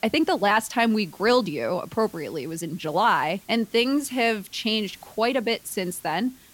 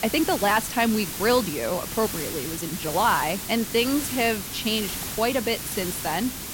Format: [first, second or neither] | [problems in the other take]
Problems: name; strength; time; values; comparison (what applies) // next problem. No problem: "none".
first | hiss; loud; throughout; 6 dB below the speech; faint in the first